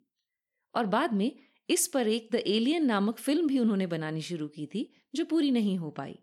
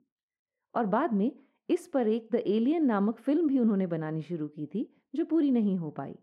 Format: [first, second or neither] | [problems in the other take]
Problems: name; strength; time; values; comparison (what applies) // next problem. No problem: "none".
first | muffled; very; fading above 2.5 kHz